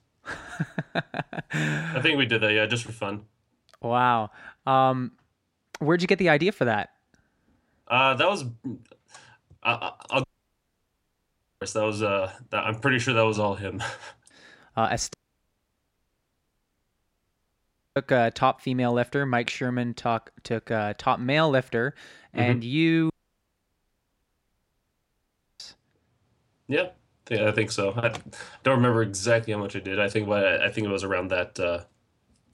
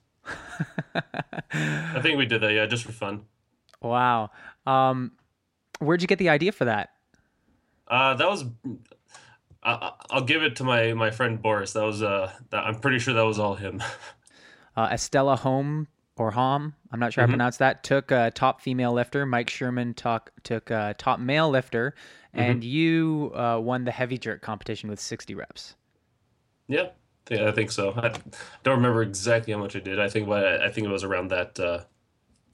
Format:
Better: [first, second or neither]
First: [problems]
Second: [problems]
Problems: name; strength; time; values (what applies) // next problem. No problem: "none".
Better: second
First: audio cutting out; at 10 s for 1.5 s, at 15 s for 3 s and at 23 s for 2.5 s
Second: none